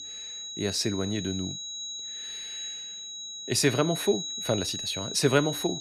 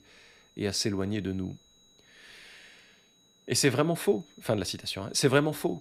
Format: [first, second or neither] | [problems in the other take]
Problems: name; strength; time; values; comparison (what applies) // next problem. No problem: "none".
second | high-pitched whine; loud; throughout; 4 kHz, 6 dB below the speech; faint in the second